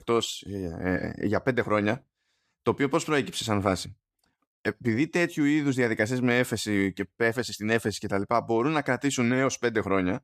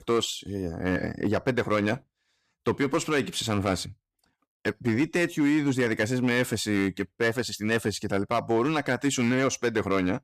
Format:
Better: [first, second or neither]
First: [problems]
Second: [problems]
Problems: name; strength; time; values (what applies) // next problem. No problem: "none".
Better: first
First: none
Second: distortion; slight; 5% of the sound clipped